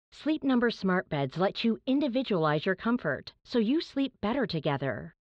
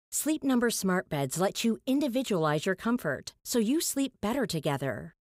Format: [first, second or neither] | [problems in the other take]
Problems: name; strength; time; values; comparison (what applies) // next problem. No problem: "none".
second | muffled; slightly; fading above 4 kHz